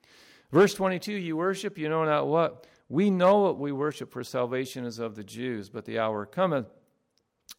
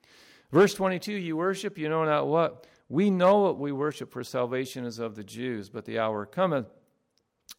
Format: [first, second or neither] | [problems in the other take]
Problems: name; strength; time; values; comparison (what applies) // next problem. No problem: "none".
neither | none